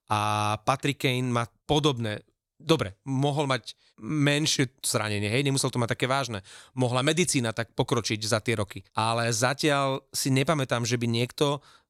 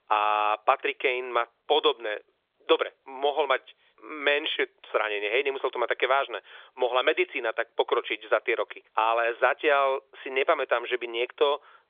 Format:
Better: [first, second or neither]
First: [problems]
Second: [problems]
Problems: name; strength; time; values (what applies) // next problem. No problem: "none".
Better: first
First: none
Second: phone-call audio; nothing above 3.5 kHz